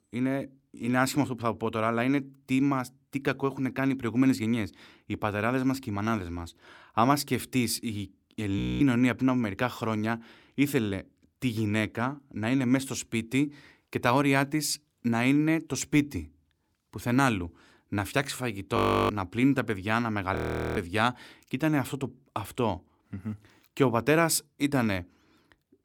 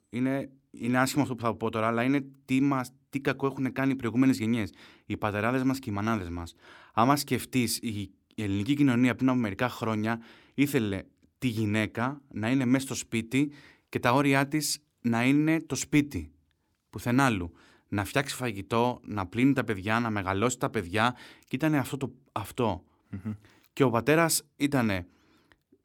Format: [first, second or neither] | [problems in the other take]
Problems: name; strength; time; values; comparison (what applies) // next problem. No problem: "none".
second | audio freezing; at 8.5 s, at 19 s and at 20 s